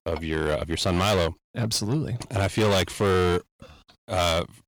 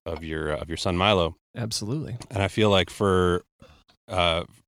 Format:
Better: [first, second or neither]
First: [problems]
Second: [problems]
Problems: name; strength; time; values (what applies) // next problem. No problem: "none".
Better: second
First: distortion; heavy; 14% of the sound clipped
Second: none